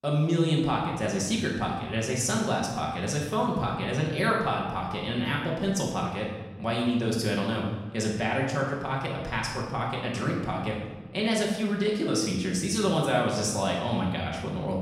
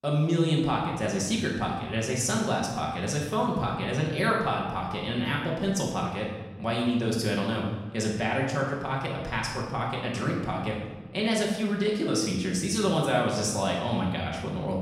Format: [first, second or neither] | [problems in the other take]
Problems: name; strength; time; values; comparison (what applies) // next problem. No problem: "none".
neither | room echo; noticeable; dies away in 1.1 s; the same in both // off-mic speech; far; the same in both